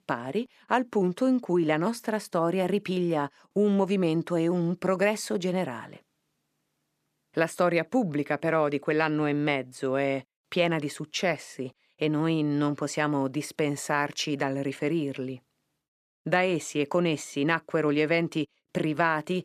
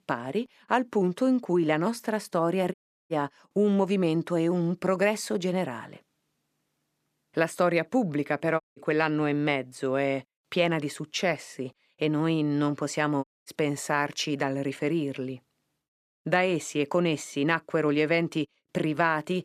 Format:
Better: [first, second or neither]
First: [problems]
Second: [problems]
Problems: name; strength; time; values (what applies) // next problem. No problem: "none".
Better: first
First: none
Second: audio cutting out; at 2.5 s, at 8.5 s and at 13 s